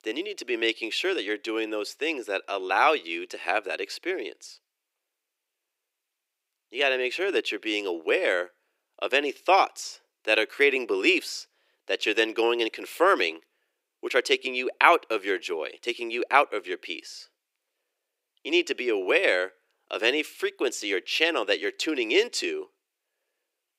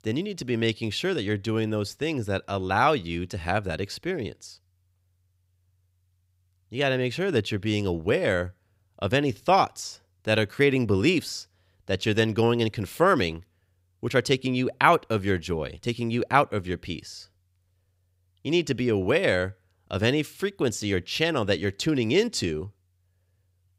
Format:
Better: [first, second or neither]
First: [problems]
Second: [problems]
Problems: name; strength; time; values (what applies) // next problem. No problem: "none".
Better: second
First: thin; very; fading below 350 Hz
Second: none